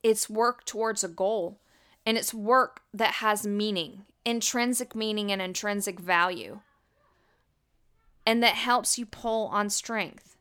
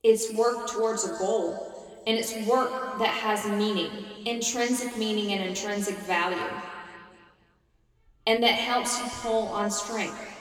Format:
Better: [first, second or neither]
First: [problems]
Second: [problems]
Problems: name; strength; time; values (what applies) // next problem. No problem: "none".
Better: first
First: none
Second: room echo; noticeable; dies away in 2.3 s // off-mic speech; somewhat distant